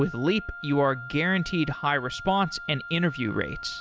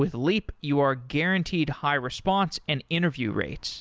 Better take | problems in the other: second | background sound (Wind instrument, woodwind instrument); 13 dB below the speech

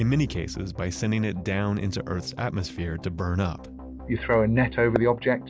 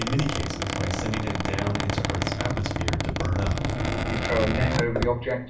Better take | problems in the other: first | background sound (Squeak); as loud as the speech // room echo; dies away in 0.3 s

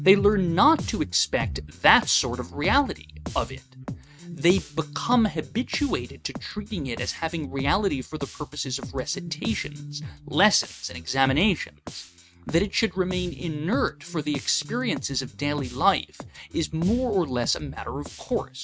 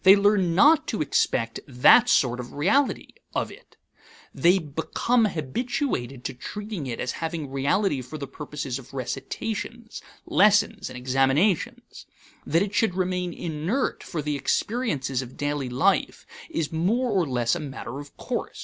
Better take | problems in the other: second | noise reduction (neural mask model RNNoise)

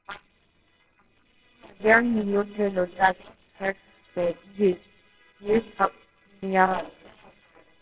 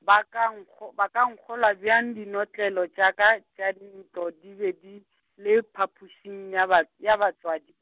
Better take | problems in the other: second | noise reduction (neural separator model SepFormer WHAMR!)

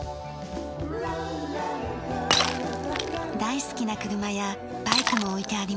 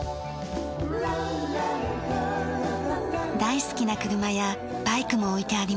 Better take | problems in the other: second | background sound (Shatter); 4 dB below the speech

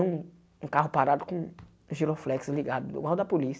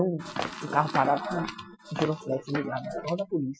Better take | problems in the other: first | noise reduction (classical method Wiener filter)

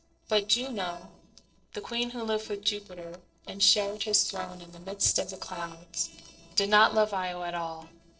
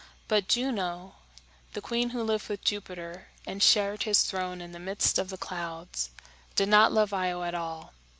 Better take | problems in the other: second | noise reduction (neural separator model SepFormer DNS4)

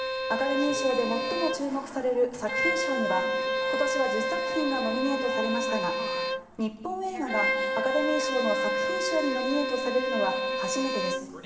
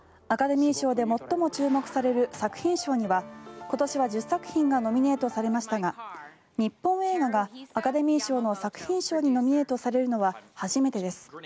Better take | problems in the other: second | background sound (Bowed string instrument); 1 dB above the speech // room echo; dies away in 2.1 s

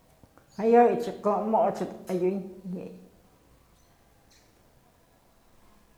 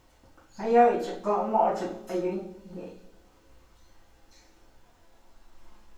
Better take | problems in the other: first | room echo; dies away in 0.2 s

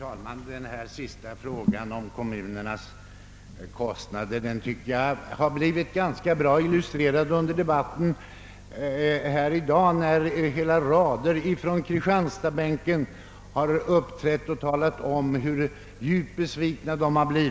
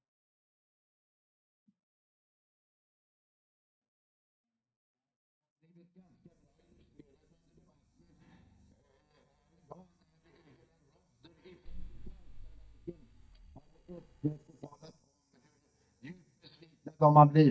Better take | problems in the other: first | noise reduction (neural mask model DeepFilterNet 3)

